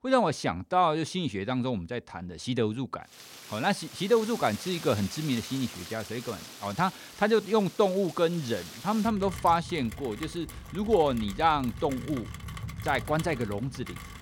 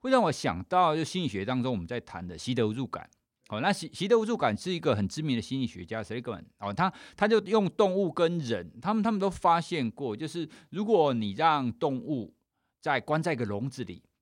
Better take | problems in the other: second | rain or running water; noticeable; from 3 s on; 15 dB below the speech

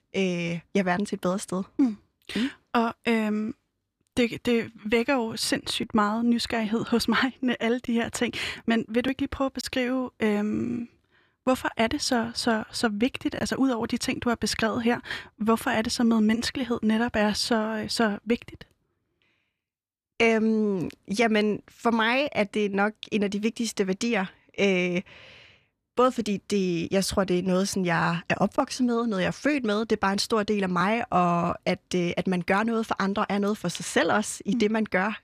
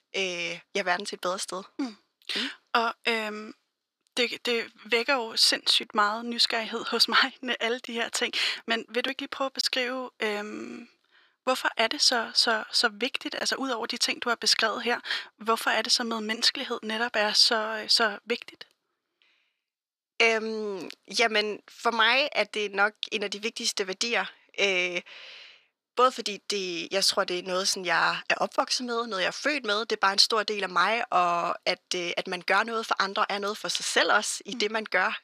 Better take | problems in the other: first | thin; somewhat; fading below 450 Hz

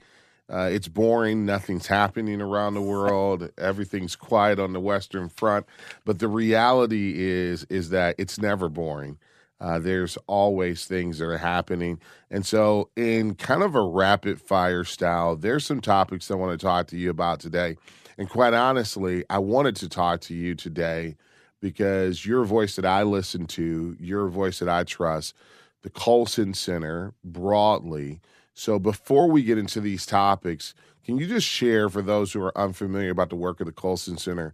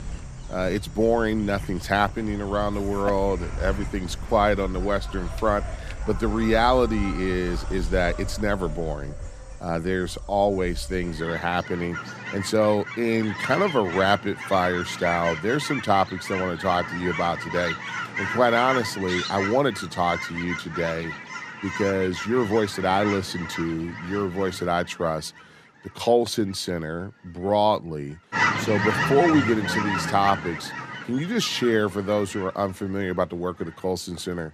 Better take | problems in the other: first | animal sounds; loud; throughout; 6 dB below the speech

